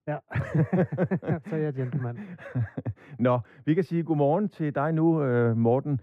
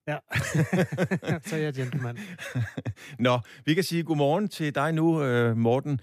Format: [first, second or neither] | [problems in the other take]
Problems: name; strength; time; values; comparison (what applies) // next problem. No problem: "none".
second | muffled; very; fading above 2.5 kHz